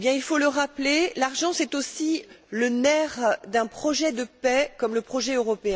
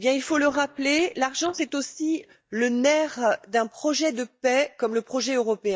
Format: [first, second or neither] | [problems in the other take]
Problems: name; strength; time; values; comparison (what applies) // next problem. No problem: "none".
first | noise reduction (neural mask model DeepFilterNet 3)